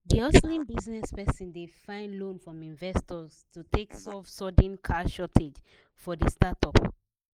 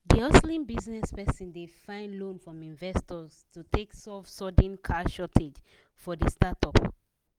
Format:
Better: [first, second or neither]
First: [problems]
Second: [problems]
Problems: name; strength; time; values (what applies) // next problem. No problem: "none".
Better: second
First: noise reduction (neural mask model Resemble Enhance denoiser)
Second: none